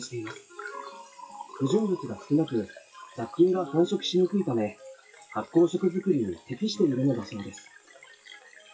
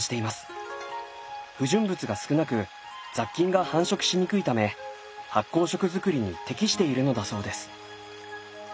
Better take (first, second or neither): second